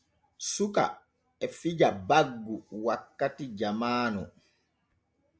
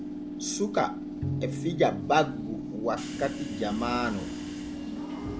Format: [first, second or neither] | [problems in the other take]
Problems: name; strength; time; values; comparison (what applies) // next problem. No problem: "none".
first | background sound (Subway, metro, underground / Train + Bowed string instrument); 4 dB below the speech